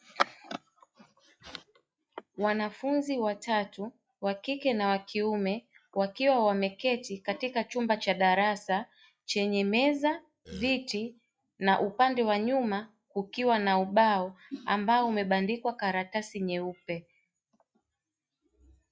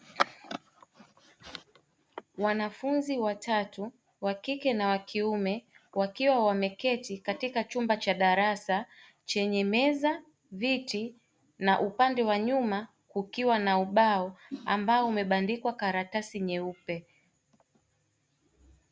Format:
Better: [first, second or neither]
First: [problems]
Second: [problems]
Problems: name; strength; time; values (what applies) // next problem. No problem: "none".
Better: second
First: noise reduction (classical method log-MMSE)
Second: none